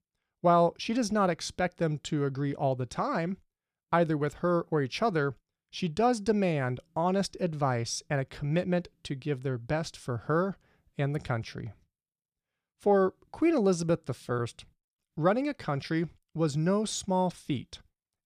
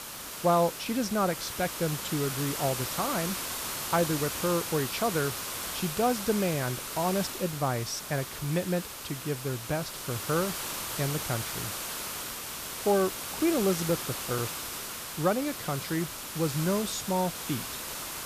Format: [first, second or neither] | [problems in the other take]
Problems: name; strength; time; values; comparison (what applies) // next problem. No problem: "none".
first | hiss; loud; throughout; 4 dB below the speech